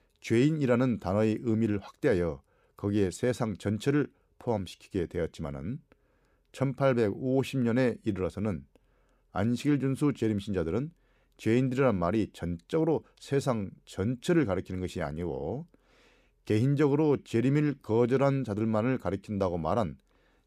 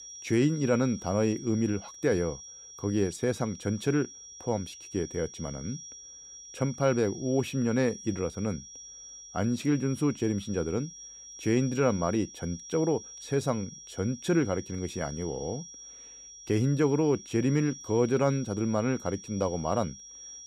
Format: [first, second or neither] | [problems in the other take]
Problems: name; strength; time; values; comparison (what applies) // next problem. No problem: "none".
first | high-pitched whine; noticeable; throughout; 5.5 kHz, 15 dB below the speech